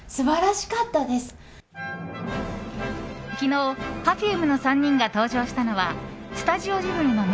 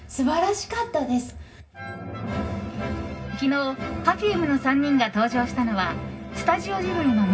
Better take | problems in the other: first | room echo; dies away in 0.4 s

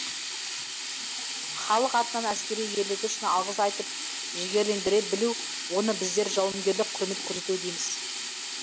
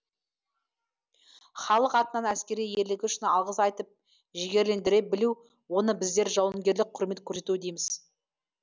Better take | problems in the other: second | background sound (Sink (filling or washing)); 4 dB below the speech

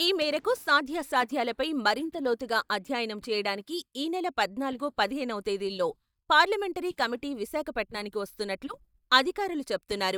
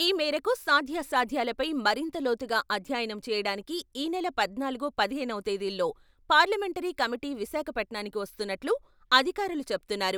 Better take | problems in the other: second | noise reduction (neural mask model DeepFilterNet 3)

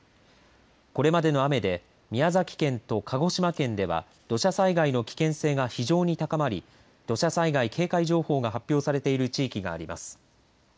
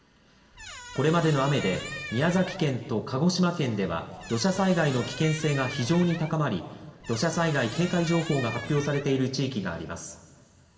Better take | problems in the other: first | background sound (Squeak); 13 dB below the speech // room echo; dies away in 2.6 s

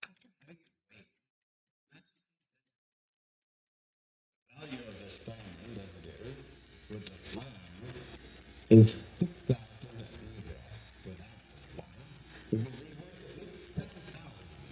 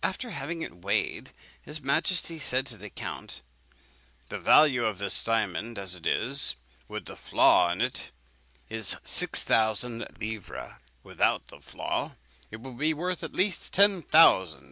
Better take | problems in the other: second | noise reduction (neural mask model DeepFilterNet 3)

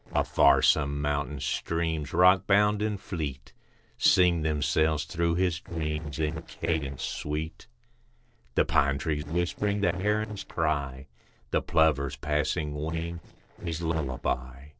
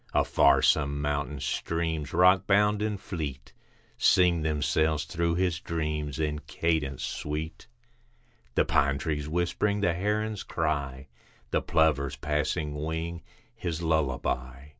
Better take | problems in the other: second | noise reduction (neural separator model SepFormer DNS4)

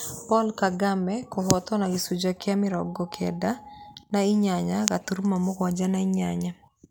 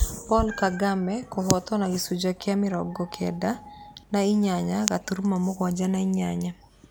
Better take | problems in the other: first | background sound (Meow); 13 dB below the speech

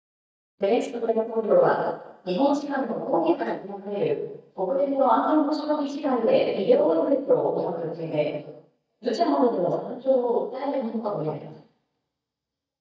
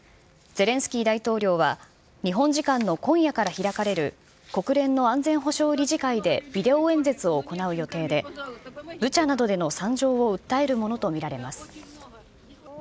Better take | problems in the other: second | noise reduction (neural mask model DeepFilterNet 3)

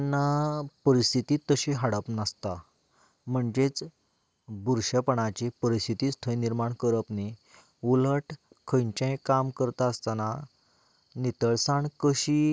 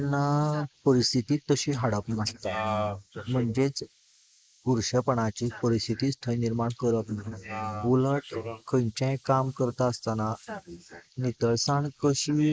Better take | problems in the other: first | noise reduction (neural mask model Resemble Enhance denoiser)

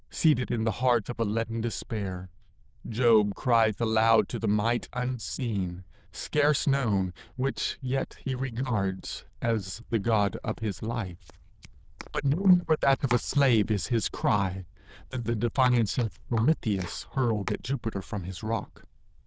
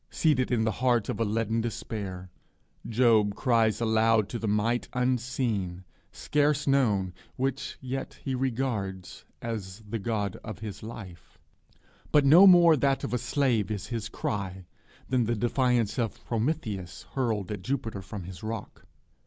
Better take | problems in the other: second | noise reduction (neural diffusion model UNIVERSE++)

